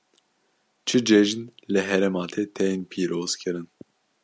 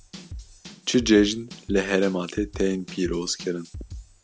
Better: first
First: none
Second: background sound (Drum / Drum kit); 15 dB below the speech

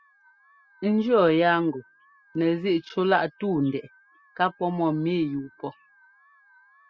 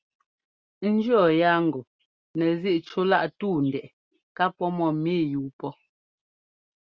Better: second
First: noise reduction (classical method spectral subtraction)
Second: none

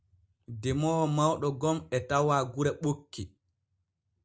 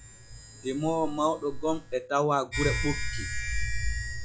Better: first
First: none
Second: noise reduction (classical method log-MMSE)

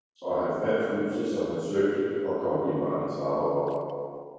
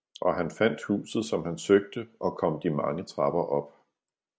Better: second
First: noise reduction (neural separator model SepFormer DNS4)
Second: none

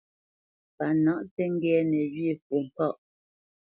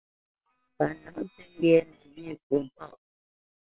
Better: first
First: none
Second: noise reduction (neural separator model SepFormer WHAM!)

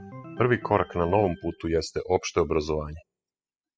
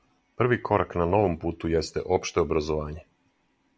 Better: second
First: noise reduction (classical method spectral subtraction)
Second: none

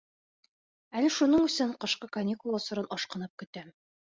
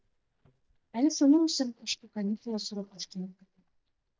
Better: first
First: none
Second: noise reduction (neural mask model DeepFilterNet 3)

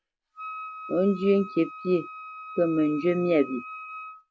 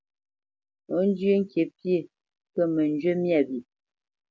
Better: second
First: background sound (Wind instrument, woodwind instrument); 14 dB below the speech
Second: none

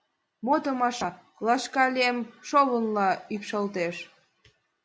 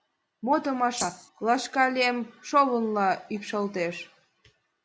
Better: first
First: none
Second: background sound (Rattle (instrument)); 8 dB below the speech

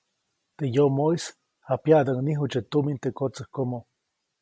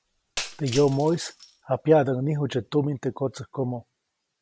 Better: first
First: none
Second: background sound (Shatter); 14 dB below the speech

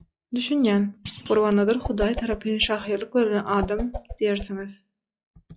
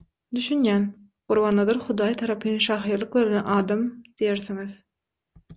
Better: second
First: noise reduction (classical method log-MMSE)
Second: none

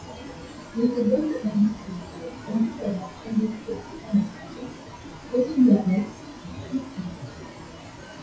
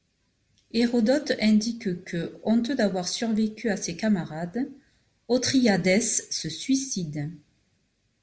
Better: second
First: noise reduction (classical method WPE with log-MMSE)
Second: none

